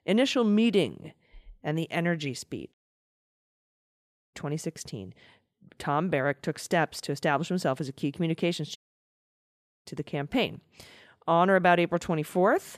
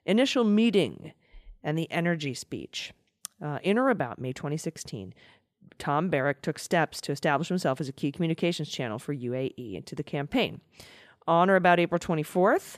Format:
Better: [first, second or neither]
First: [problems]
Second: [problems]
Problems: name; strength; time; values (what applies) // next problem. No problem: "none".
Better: second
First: audio cutting out; at 2.5 s for 1.5 s and at 9 s for 1 s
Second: none